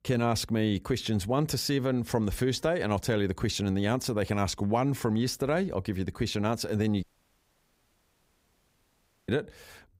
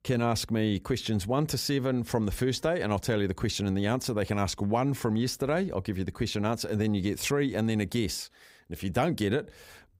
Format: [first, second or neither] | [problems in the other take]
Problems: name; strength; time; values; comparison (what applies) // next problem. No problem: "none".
second | audio cutting out; at 7 s for 2 s